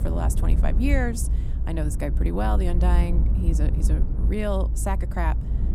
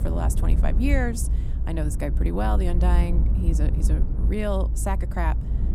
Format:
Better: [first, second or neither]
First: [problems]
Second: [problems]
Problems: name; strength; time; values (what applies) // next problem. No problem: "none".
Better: neither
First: low rumble; loud; throughout; 10 dB below the speech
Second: low rumble; loud; throughout; 10 dB below the speech